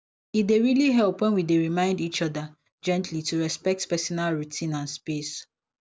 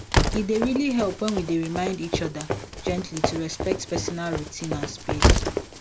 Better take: first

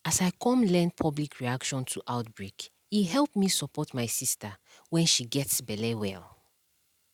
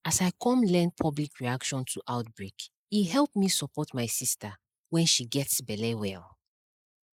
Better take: first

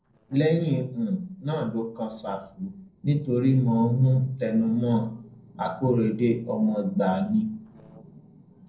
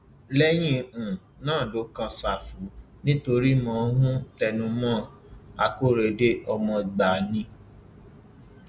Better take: second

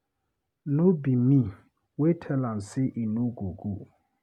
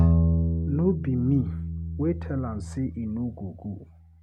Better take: first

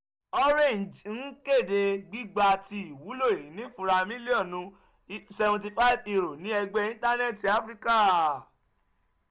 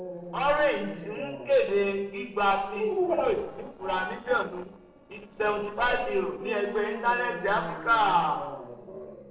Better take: first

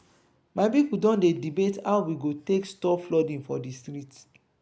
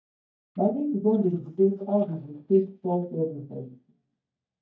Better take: first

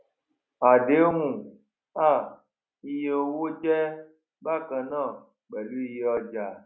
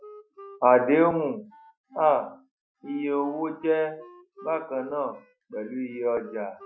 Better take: first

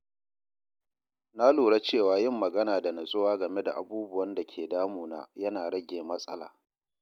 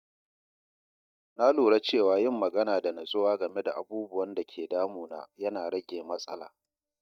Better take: first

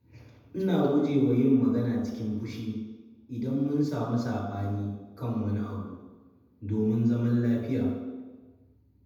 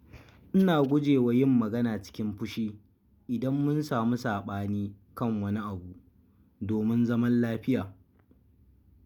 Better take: second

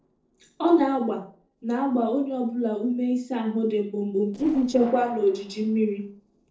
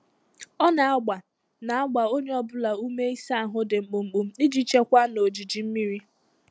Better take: second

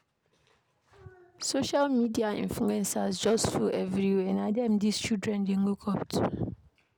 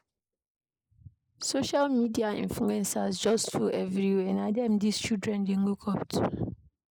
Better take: first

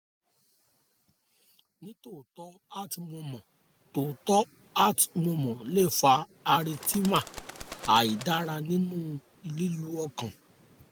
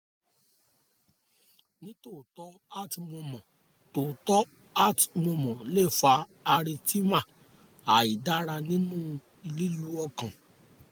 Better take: second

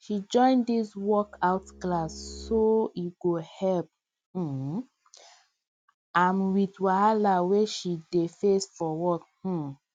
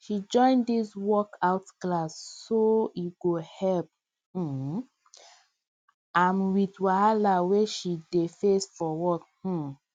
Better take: second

